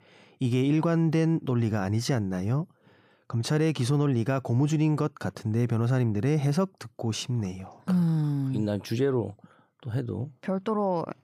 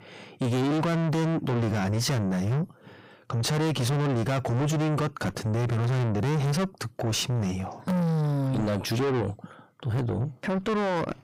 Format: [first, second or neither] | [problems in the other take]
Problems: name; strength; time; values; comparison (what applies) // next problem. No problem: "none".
first | distortion; heavy; 6 dB below the speech